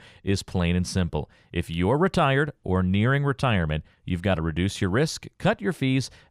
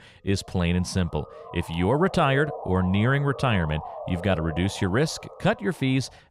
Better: first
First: none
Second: siren; noticeable; peak 9 dB below the speech

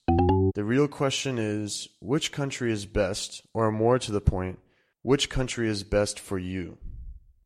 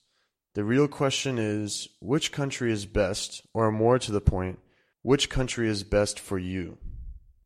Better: second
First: phone ringing; loud; at the start; peak 5 dB above the speech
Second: none

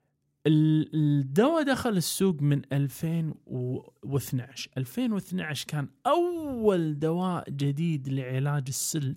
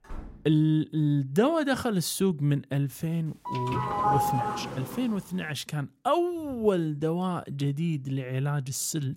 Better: first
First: none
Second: door banging; faint; at the start; peak 15 dB below the speech // doorbell; loud; from 3.5 to 5 s; peak 3 dB above the speech

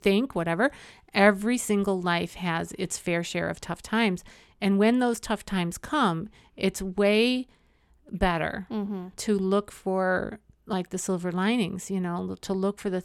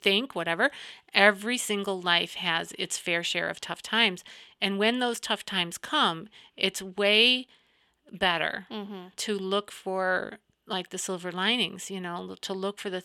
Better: first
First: none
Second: thin; very slightly; fading below 900 Hz

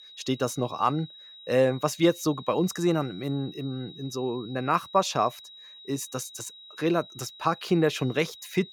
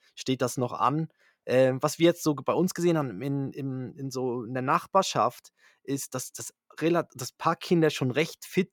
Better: second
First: high-pitched whine; noticeable; throughout; 4 kHz, 20 dB below the speech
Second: none

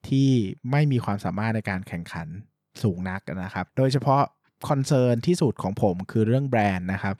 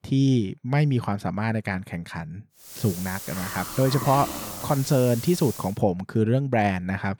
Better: first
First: none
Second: hiss; loud; from 2.5 to 5.5 s; 9 dB below the speech

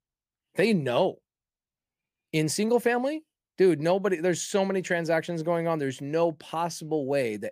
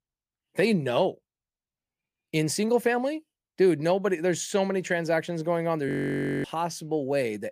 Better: first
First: none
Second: audio freezing; at 6 s for 0.5 s

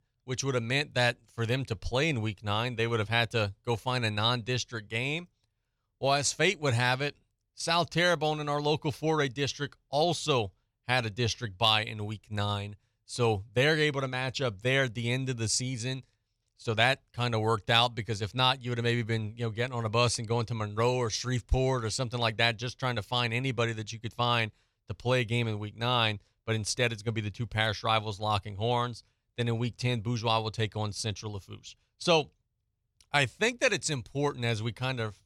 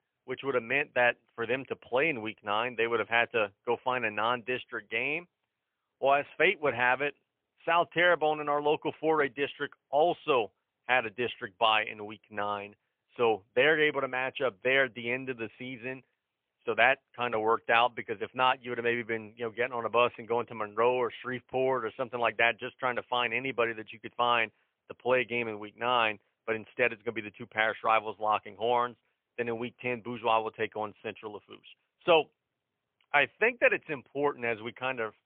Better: first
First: none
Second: phone-call audio; poor line; nothing above 3 kHz

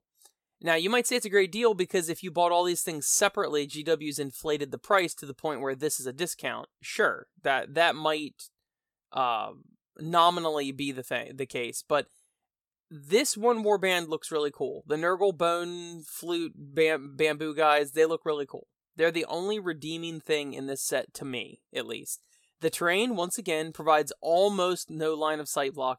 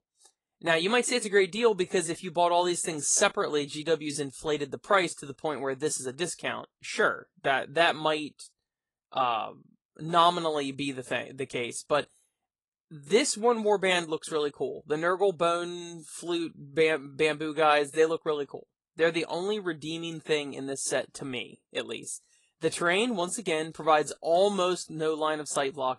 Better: first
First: none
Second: garbled, watery; slightly; nothing above 10 kHz

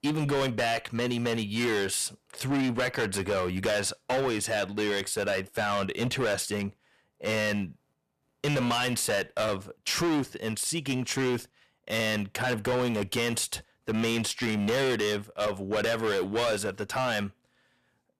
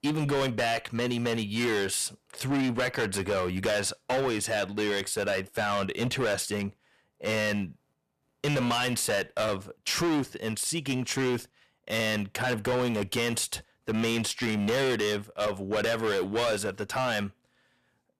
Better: neither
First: distortion; heavy; 16% of the sound clipped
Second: distortion; heavy; 16% of the sound clipped

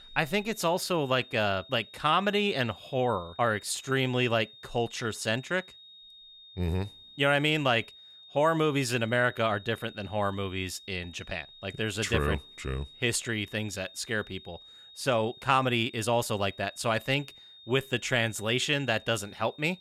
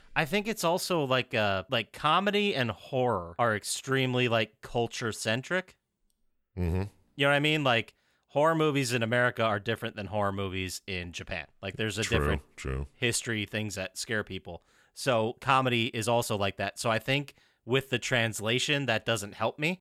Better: second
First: high-pitched whine; faint; throughout; 3.5 kHz, 20 dB below the speech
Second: none

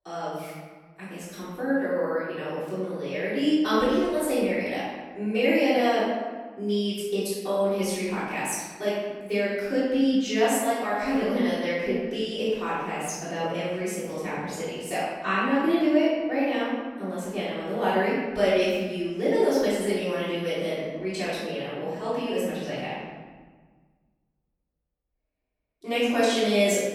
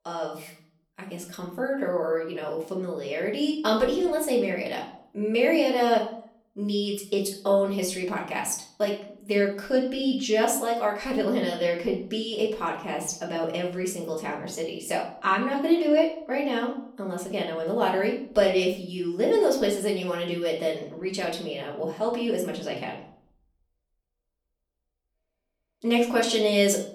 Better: second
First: room echo; strong; dies away in 1.4 s // off-mic speech; far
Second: room echo; slight; dies away in 0.5 s // off-mic speech; far

